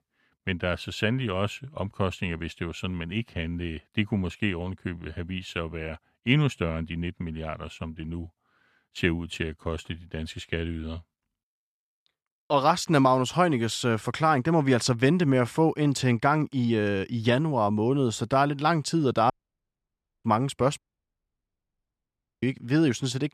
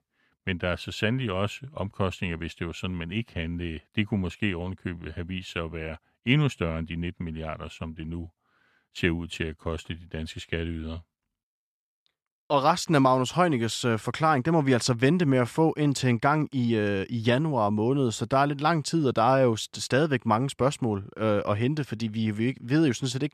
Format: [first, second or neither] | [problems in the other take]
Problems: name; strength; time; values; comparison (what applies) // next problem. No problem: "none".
second | audio cutting out; at 19 s for 1 s and at 21 s for 1.5 s